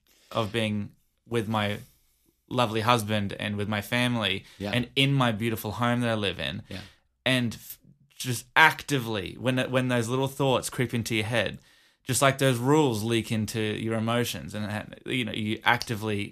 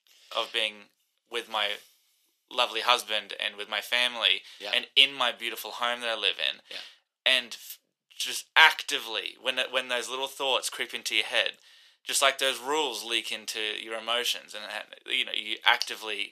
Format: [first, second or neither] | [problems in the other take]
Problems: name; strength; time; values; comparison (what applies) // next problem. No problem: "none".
first | thin; very; fading below 500 Hz